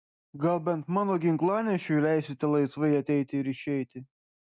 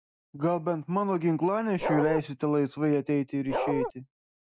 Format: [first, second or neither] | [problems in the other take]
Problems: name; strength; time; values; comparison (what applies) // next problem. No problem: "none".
first | background sound (Bark); 1 dB below the speech